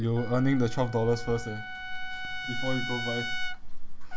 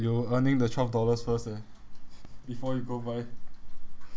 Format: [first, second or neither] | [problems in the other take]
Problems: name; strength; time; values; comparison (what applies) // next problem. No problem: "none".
second | background sound (Trumpet); 10 dB below the speech